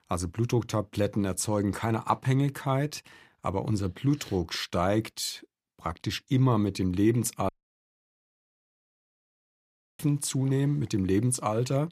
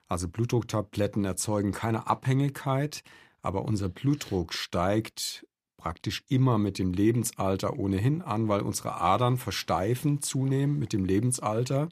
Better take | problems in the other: second | audio cutting out; at 7.5 s for 2.5 s

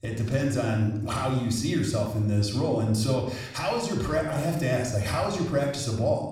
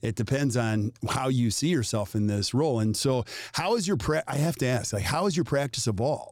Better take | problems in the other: second | off-mic speech; somewhat distant // room echo; noticeable; dies away in 0.7 s

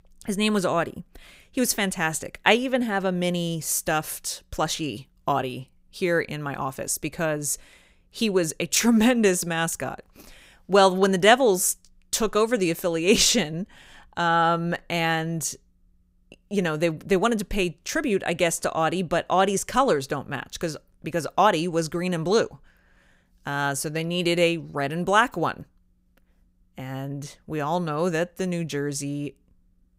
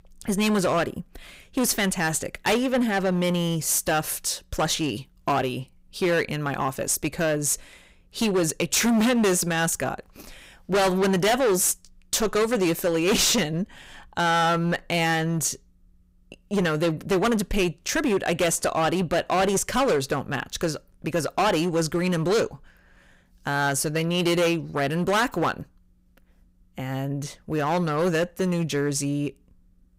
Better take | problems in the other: first | distortion; heavy; 12% of the sound clipped

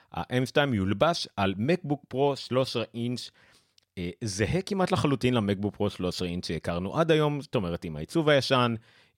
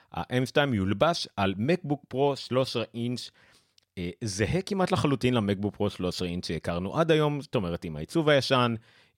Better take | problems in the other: neither | none

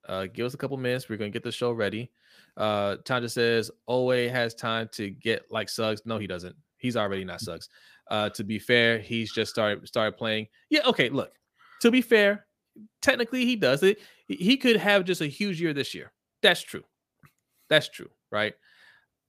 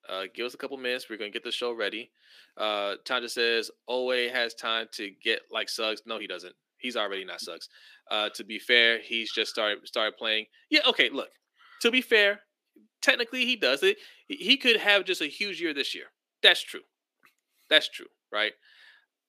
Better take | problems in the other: first | thin; somewhat; fading below 300 Hz

